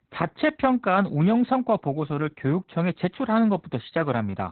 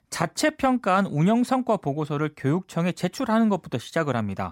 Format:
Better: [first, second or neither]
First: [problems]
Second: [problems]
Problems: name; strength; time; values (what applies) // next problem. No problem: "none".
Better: second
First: garbled, watery; badly; nothing above 4 kHz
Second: none